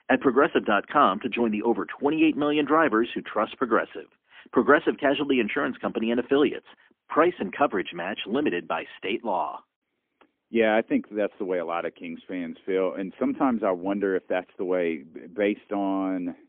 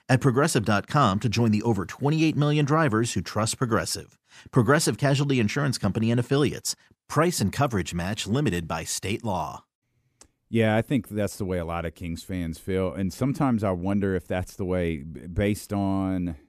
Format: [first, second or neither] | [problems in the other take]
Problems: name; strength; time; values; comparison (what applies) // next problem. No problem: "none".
second | phone-call audio; poor line; nothing above 3.5 kHz